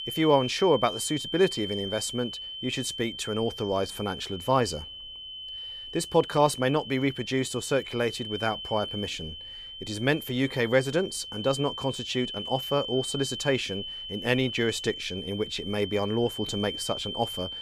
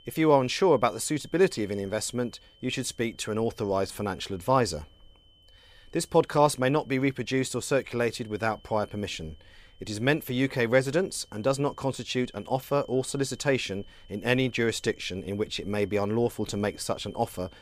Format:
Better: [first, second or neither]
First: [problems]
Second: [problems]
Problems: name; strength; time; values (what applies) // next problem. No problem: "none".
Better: second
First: high-pitched whine; loud; throughout; 3 kHz, 8 dB below the speech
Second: high-pitched whine; faint; throughout; 3 kHz, 30 dB below the speech